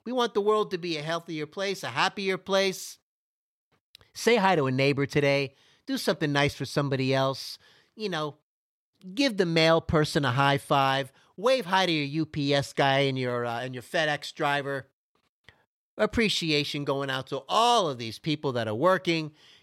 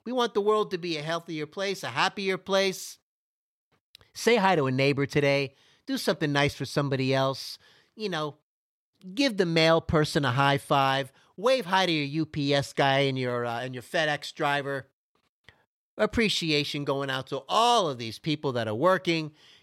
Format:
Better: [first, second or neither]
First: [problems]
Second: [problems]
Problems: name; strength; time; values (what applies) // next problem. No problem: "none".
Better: neither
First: none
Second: none